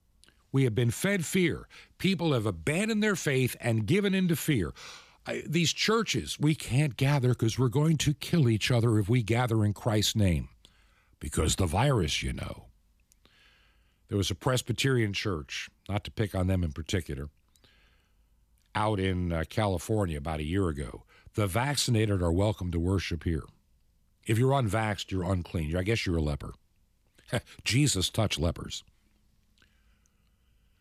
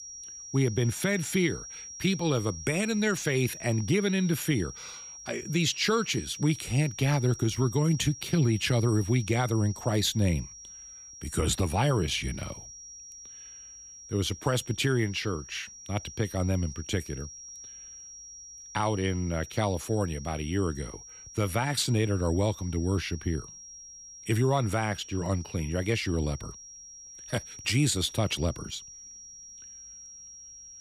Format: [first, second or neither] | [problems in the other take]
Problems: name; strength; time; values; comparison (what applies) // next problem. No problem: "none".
first | high-pitched whine; noticeable; throughout; 5.5 kHz, 15 dB below the speech